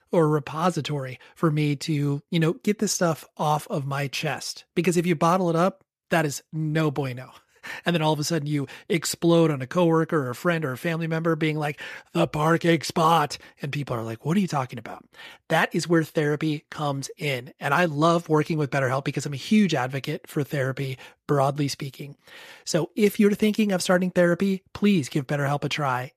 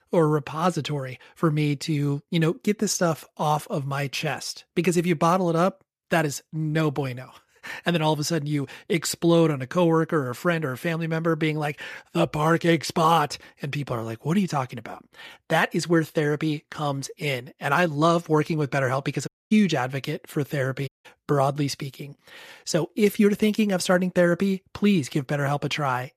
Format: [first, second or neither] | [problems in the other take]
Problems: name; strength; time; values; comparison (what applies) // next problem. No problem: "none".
first | audio cutting out; at 19 s and at 21 s